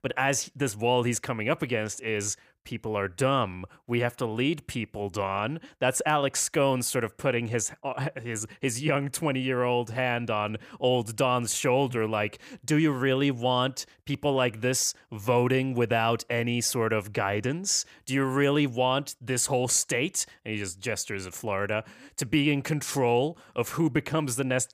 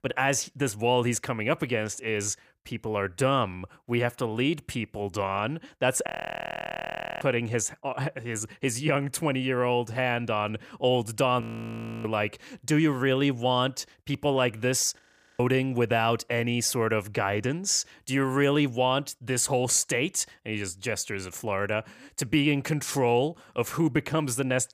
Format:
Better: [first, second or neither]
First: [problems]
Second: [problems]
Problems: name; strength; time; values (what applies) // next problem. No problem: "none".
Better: first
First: none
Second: audio freezing; at 6 s for 1 s, at 11 s for 0.5 s and at 15 s